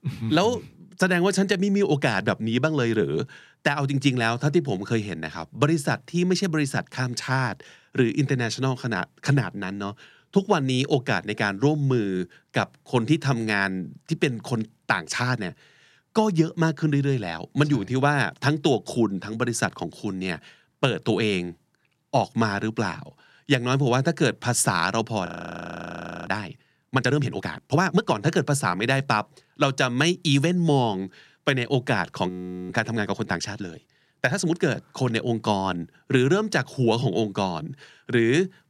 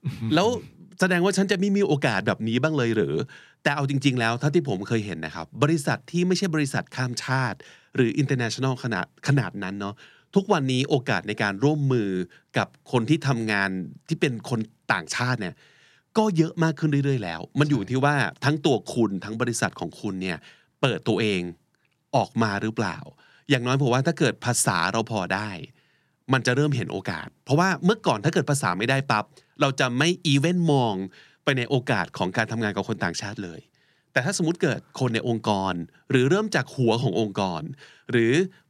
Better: second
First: audio freezing; at 25 s for 1 s and at 32 s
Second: none

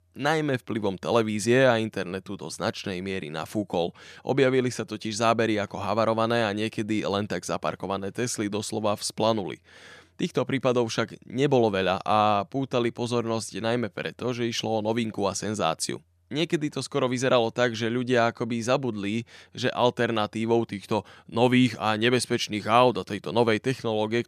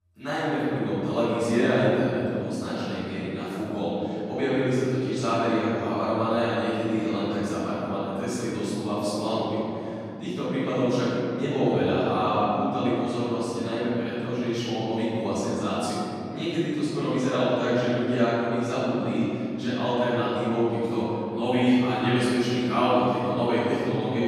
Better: first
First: none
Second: room echo; strong; dies away in 3 s // off-mic speech; far

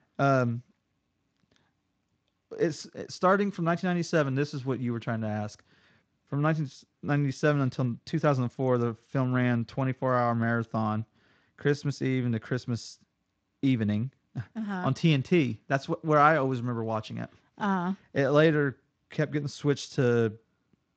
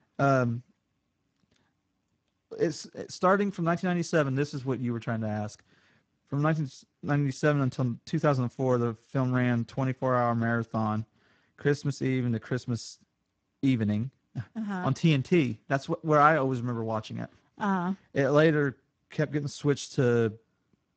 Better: first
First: garbled, watery; slightly; nothing above 7.5 kHz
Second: garbled, watery; badly; nothing above 7.5 kHz

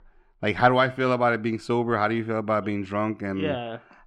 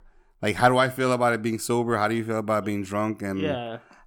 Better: second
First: muffled; very slightly; fading above 3 kHz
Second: none

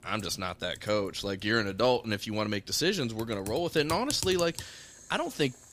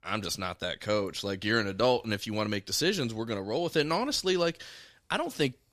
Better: second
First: household noises; noticeable; throughout; 15 dB below the speech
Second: none

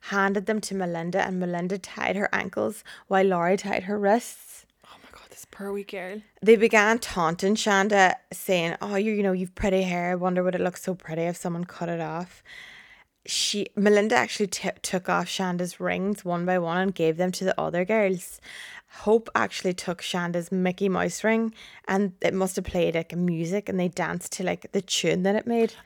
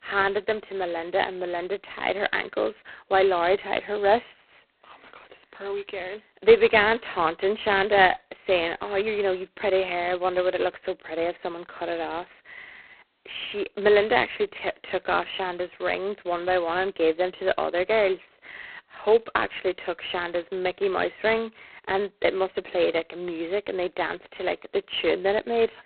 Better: first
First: none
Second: phone-call audio; poor line; nothing above 4 kHz

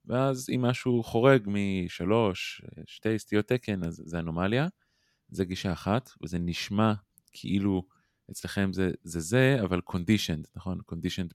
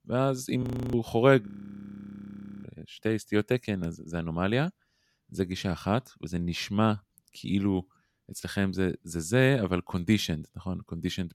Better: first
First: none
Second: audio freezing; at 0.5 s and at 1.5 s for 1 s

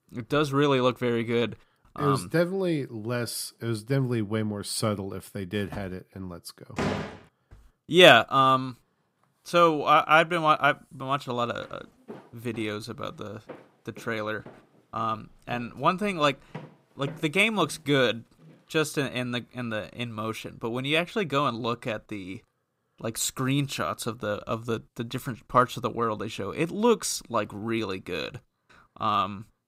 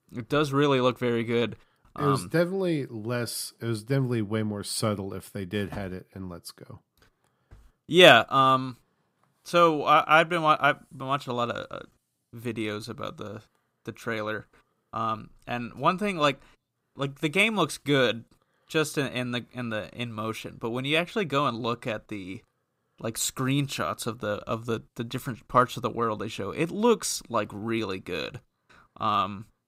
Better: second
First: door banging; noticeable; at 7 s; peak 4 dB below the speech // footsteps; faint; from 12 to 19 s; peak 15 dB below the speech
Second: none

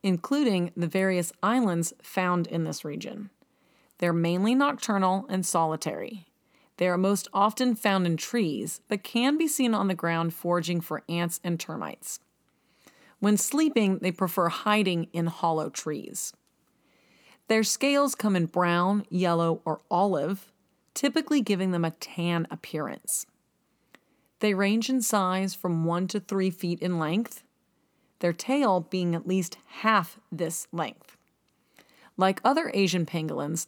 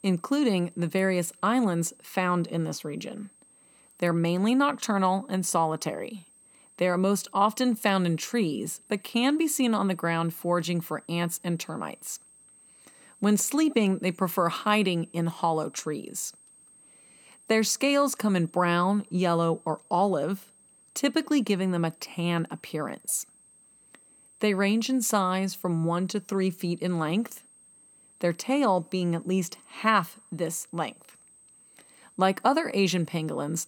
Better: first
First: none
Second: high-pitched whine; faint; throughout; 8.5 kHz, 25 dB below the speech

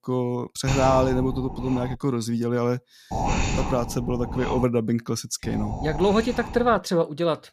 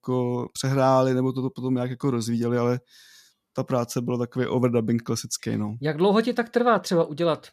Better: second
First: wind noise on the microphone; heavy; from 0.5 to 2 s, from 3 to 4.5 s and from 5.5 to 7 s; 7 dB below the speech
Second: none

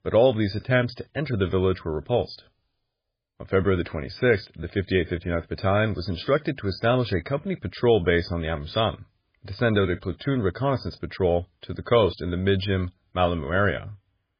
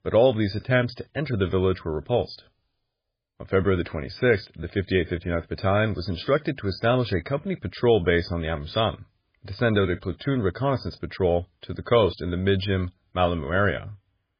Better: neither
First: garbled, watery; badly; nothing above 5 kHz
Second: garbled, watery; badly; nothing above 5 kHz

